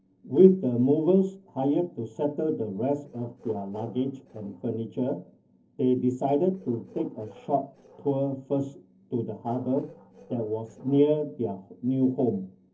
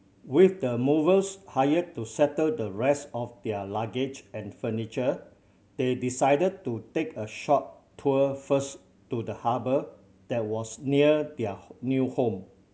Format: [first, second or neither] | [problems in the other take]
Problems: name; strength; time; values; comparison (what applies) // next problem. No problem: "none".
second | noise reduction (neural separator model SepFormer DNS4)